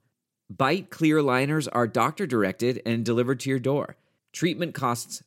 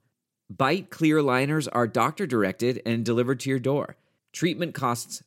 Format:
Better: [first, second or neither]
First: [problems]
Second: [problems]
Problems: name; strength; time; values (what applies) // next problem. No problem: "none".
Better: neither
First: none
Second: none